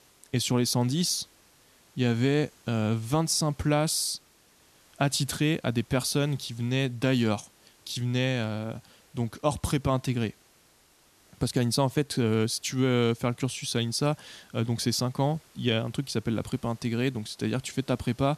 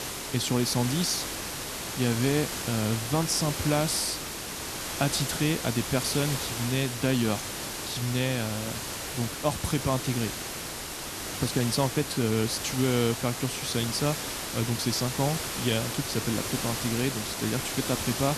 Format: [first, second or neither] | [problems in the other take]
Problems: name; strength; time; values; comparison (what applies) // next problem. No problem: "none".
first | hiss; loud; throughout; 4 dB below the speech; faint in the first